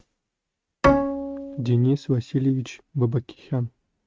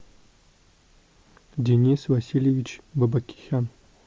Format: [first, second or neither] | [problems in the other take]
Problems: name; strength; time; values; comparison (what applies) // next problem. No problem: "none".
second | noise reduction (neural mask model RNNoise)